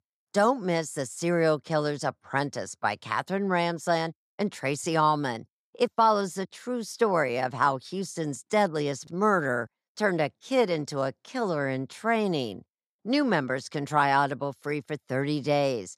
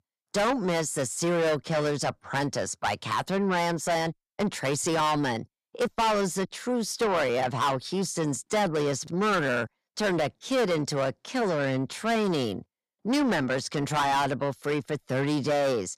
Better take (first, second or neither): first